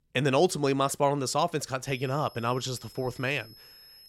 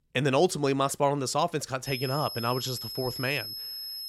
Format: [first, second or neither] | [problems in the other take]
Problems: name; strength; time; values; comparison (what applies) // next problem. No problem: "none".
first | high-pitched whine; loud; from 2 s on; 5 kHz, 7 dB below the speech; faint in the first